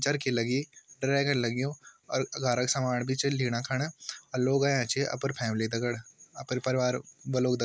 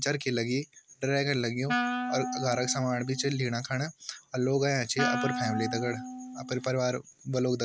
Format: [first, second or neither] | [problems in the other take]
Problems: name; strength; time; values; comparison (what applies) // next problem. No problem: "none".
first | background sound (Wind instrument, woodwind instrument); 5 dB below the speech